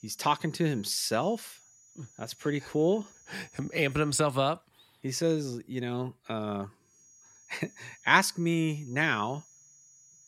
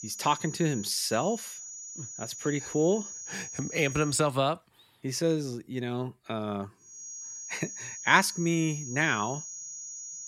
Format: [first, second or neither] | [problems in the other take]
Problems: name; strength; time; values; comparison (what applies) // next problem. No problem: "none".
first | high-pitched whine; loud; until 4 s and from 7 s on; 6.5 kHz, 10 dB below the speech; faint in the first